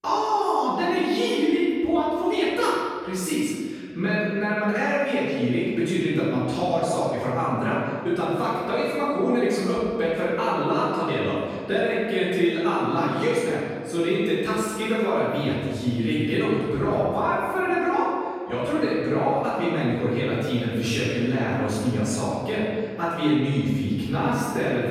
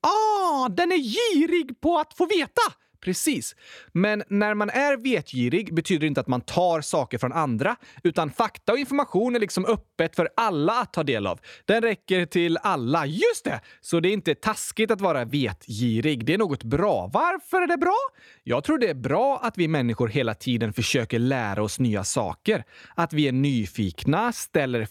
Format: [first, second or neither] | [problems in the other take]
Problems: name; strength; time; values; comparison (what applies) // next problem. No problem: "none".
second | off-mic speech; far // room echo; strong; dies away in 1.7 s